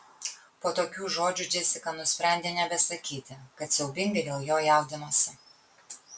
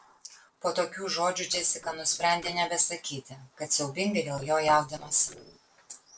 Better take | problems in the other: first | noise reduction (neural separator model SepFormer DNS4)

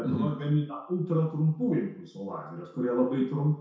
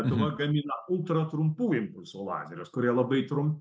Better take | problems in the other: second | room echo; dies away in 0.6 s

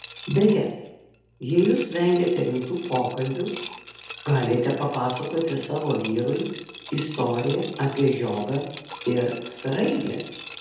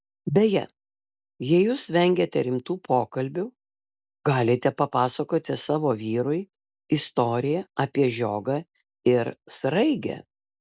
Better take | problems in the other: second | background sound (Liquid); 16 dB below the speech // room echo; dies away in 0.8 s

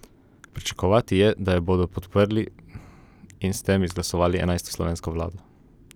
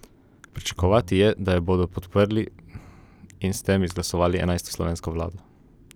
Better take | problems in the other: first | background sound (Bowed string instrument); 16 dB below the speech

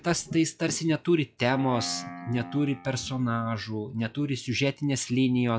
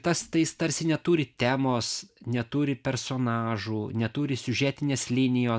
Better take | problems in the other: second | noise reduction (classical method log-MMSE)

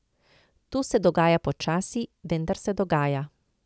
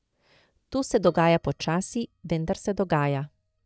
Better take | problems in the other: first | noise reduction (neural mask model DeepFilterNet 3)

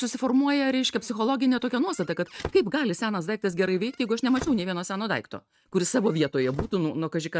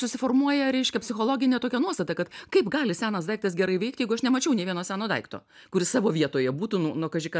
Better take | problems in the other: second | noise reduction (neural mask model RNNoise)

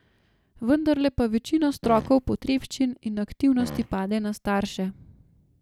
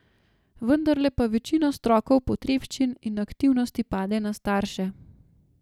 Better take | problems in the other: second | background sound (Fart); 12 dB below the speech

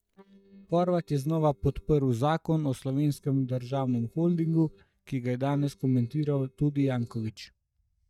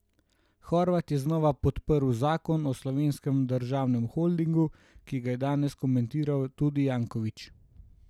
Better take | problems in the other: second | noise reduction (neural mask model DeepFilterNet 3)

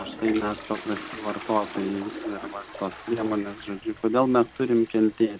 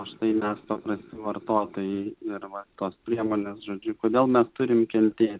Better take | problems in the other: second | background sound (Toilet flush); 14 dB below the speech

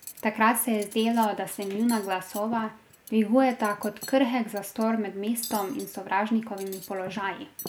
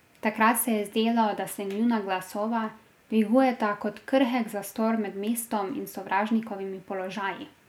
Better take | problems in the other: second | background sound (Cutlery, silverware); 18 dB below the speech

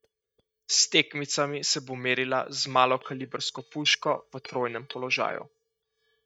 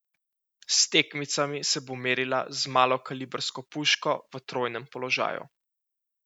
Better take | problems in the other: second | noise reduction (neural mask model DeepFilterNet 3)

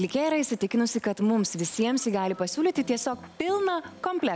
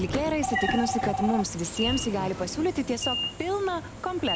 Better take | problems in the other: first | background sound (Telephone + Sliding door / Train); 3 dB below the speech

